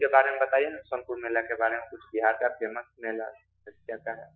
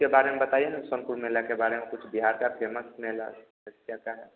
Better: second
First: noise reduction (classical method Wiener filter)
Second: none

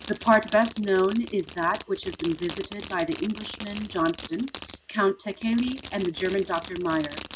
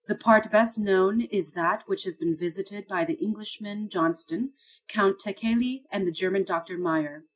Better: second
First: background sound (Fireworks); 15 dB below the speech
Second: none

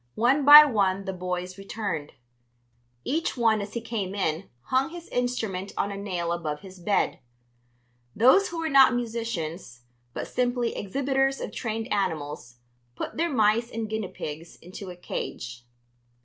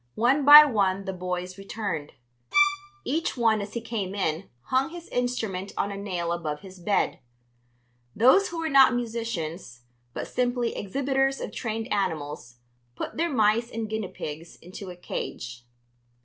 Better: first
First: none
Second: background sound (Bowed string instrument); 1 dB below the speech

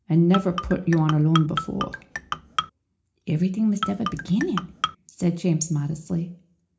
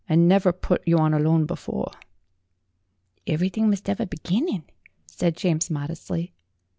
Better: second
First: background sound (Marimba, xylophone); 7 dB below the speech // room echo; dies away in 0.4 s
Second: none

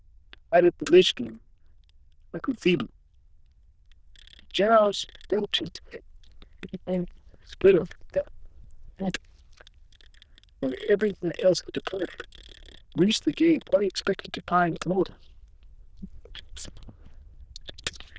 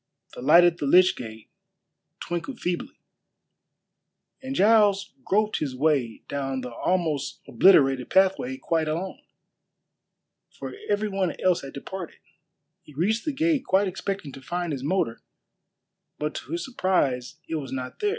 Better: second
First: noise reduction (neural diffusion model UNIVERSE++)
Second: none

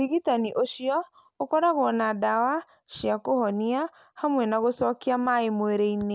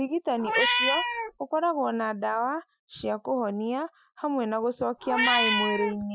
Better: first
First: none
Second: noise reduction (classical method Wiener filter)

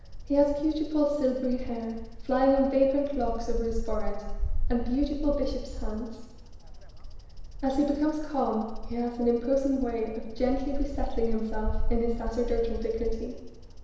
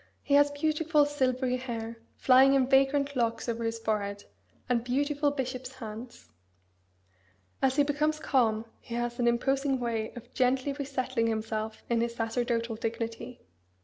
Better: second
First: background sound (Bird vocalization, bird call, bird song); 3 dB below the speech // room echo; dies away in 1 s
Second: none

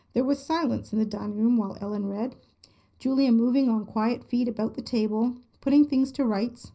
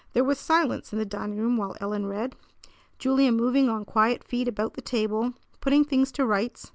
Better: second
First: room echo; dies away in 0.4 s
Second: none

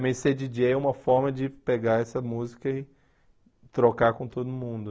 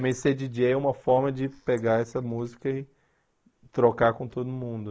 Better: first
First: none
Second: noise reduction (neural mask model Resemble Enhance denoiser)

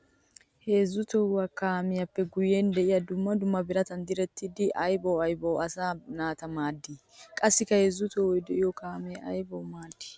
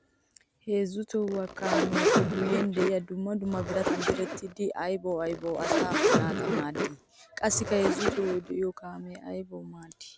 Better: first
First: none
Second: background sound (Zipper (clothing)); 2 dB above the speech

